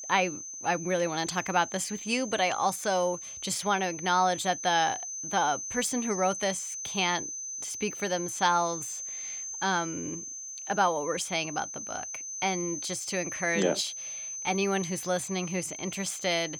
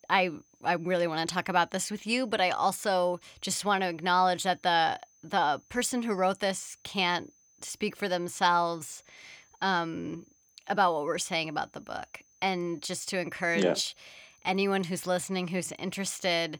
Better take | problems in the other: second | high-pitched whine; loud; throughout; 6 kHz, 7 dB below the speech; faint in the second

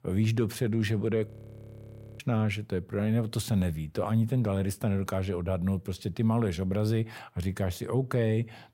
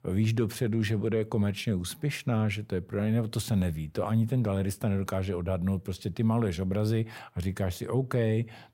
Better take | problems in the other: second | audio freezing; at 1.5 s for 1 s

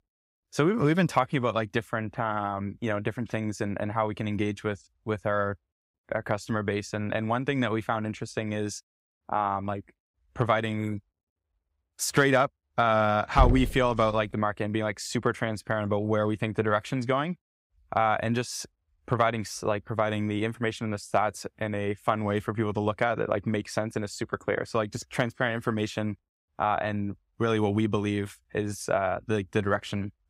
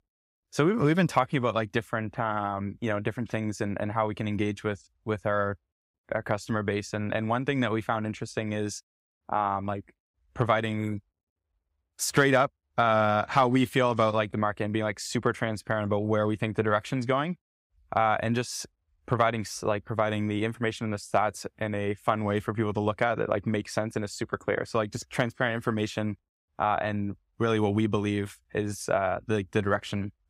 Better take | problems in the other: second | door banging; loud; at 13 s; peak 1 dB above the speech

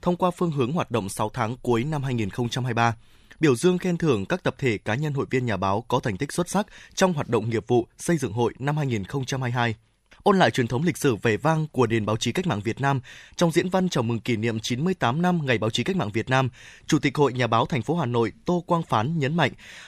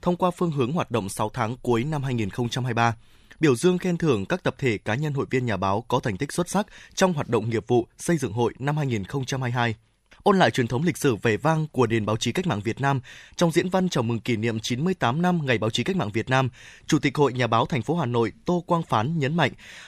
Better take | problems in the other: neither | none

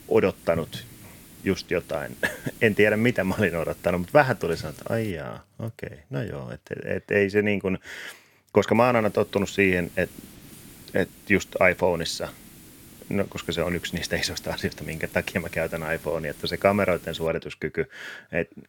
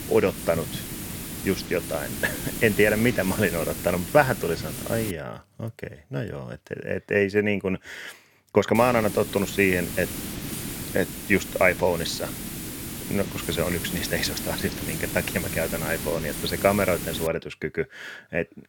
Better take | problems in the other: first | hiss; loud; until 5 s and from 9 to 17 s; 7 dB below the speech; faint in the first

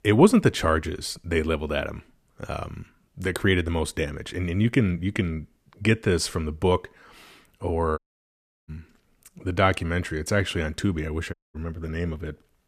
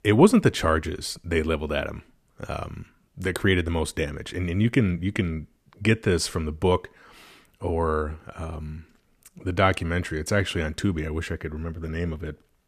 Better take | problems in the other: second | audio cutting out; at 8 s for 0.5 s and at 11 s

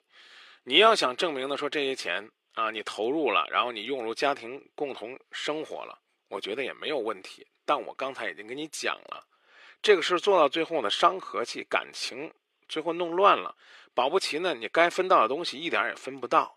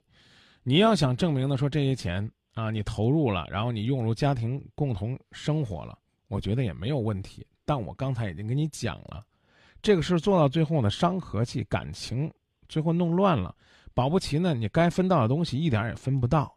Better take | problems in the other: second | thin; very; fading below 400 Hz

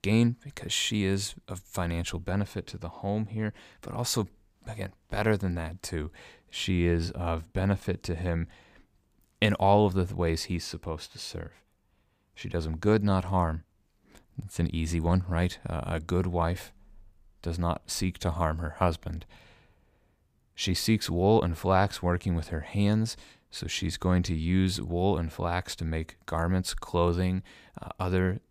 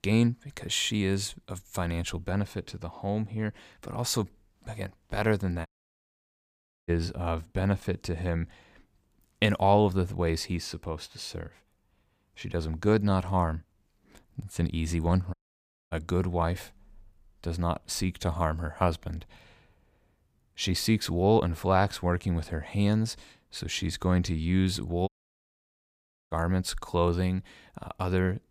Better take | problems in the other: first | audio cutting out; at 5.5 s for 1 s, at 15 s for 0.5 s and at 25 s for 1 s

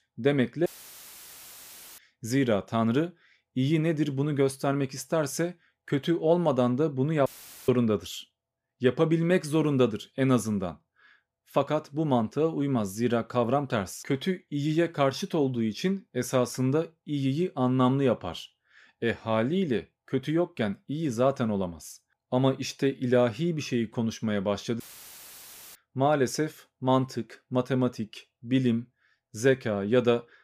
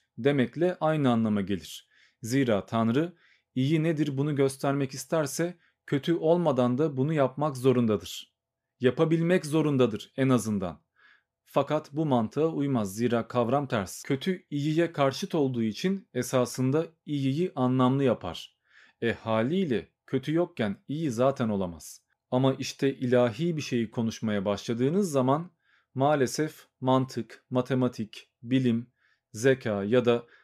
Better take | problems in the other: second | audio cutting out; filled with static; at 0.5 s for 1.5 s, at 7.5 s and at 25 s for 1 s

